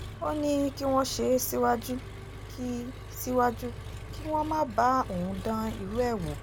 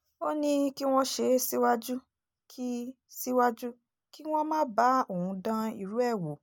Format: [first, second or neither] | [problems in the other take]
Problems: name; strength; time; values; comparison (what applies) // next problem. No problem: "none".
second | background sound (Engine); 11 dB below the speech